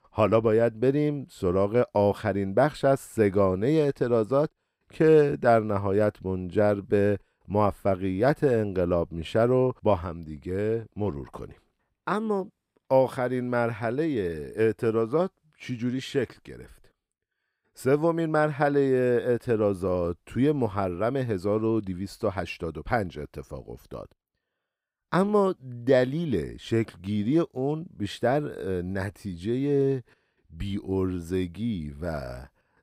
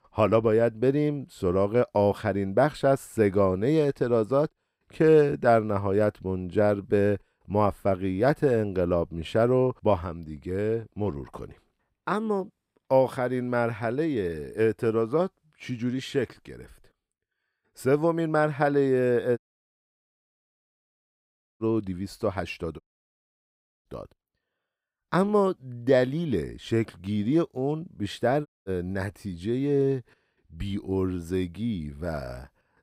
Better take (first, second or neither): first